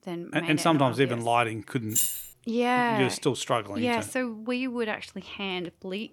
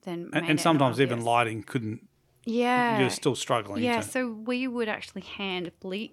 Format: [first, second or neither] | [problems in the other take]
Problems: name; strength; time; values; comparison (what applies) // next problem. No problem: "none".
second | jangling keys; loud; at 2 s; peak 2 dB above the speech